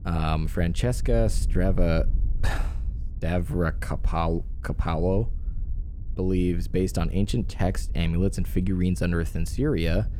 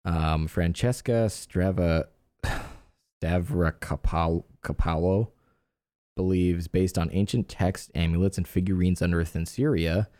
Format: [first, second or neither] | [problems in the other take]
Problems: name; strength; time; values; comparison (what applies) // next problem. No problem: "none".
second | wind noise on the microphone; occasional gusts; 20 dB below the speech